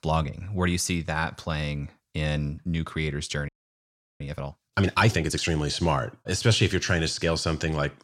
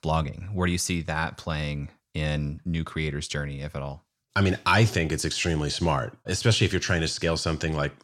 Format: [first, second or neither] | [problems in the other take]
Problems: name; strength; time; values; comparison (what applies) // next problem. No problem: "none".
second | audio freezing; at 3.5 s for 0.5 s